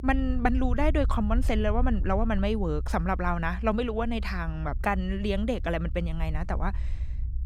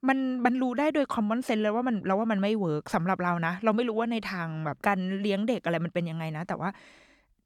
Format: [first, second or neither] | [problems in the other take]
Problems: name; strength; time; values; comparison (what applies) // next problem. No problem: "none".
second | low rumble; faint; throughout; 20 dB below the speech